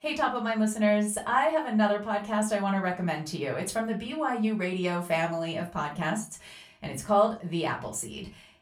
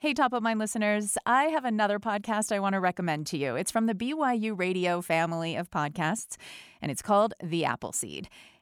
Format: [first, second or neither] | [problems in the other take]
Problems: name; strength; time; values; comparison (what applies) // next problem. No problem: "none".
second | off-mic speech; far // room echo; very slight; dies away in 0.3 s